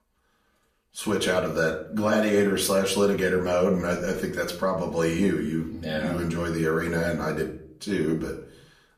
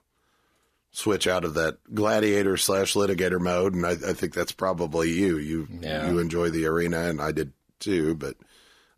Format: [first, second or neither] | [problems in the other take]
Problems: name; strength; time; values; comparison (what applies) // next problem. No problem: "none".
second | off-mic speech; far // room echo; slight; dies away in 0.5 s